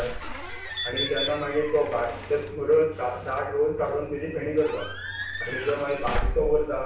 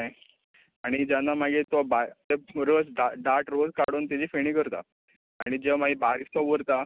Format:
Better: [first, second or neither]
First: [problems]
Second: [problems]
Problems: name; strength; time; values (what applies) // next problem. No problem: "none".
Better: second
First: background sound (Squeak / Slam / Alarm / Wood); 6 dB below the speech // room echo; dies away in 0.6 s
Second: none